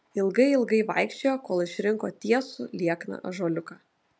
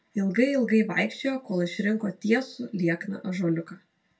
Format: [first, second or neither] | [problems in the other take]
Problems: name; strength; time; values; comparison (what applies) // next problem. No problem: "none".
first | room echo; dies away in 0.1 s